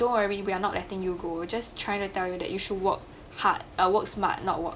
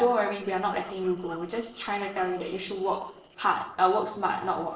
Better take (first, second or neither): first